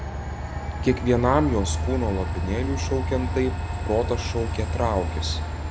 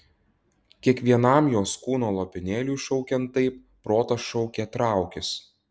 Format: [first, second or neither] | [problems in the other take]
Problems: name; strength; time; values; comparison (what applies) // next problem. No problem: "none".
second | background sound (Train); 1 dB below the speech